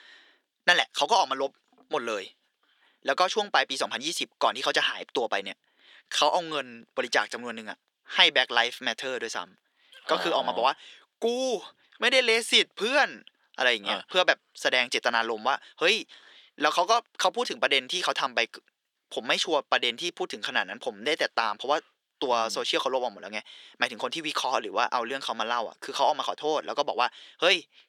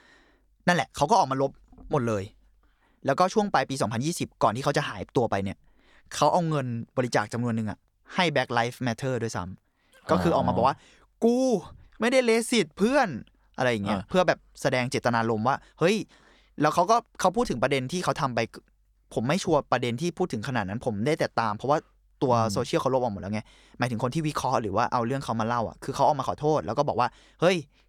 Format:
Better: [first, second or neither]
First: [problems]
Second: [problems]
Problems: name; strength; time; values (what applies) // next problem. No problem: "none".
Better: second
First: thin; somewhat; fading below 350 Hz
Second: none